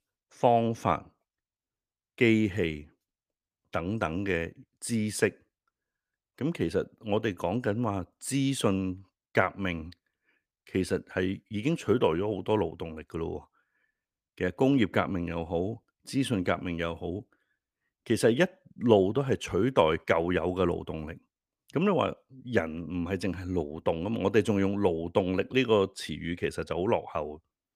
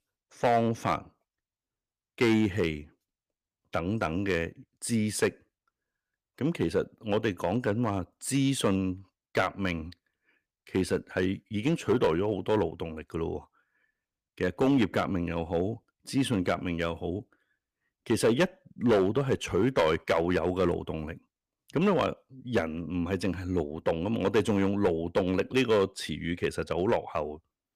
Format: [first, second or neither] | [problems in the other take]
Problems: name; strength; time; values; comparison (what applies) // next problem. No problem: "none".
first | distortion; slight; 2% of the sound clipped